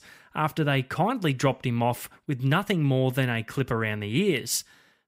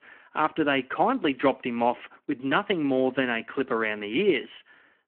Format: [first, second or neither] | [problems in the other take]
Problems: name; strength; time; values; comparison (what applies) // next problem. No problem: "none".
first | phone-call audio